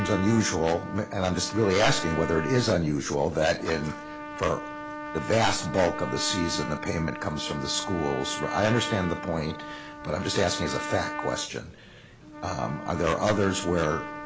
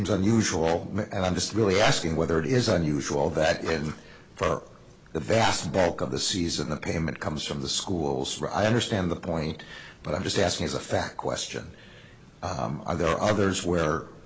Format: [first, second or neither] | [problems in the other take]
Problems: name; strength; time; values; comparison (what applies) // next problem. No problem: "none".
second | background sound (Trumpet); 9 dB below the speech